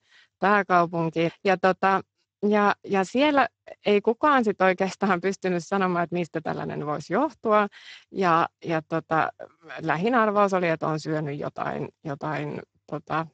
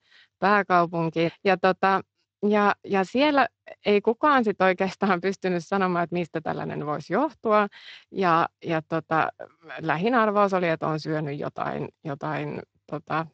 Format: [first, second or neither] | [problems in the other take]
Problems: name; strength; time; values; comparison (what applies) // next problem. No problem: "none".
second | garbled, watery; badly; nothing above 8 kHz; slightly in the second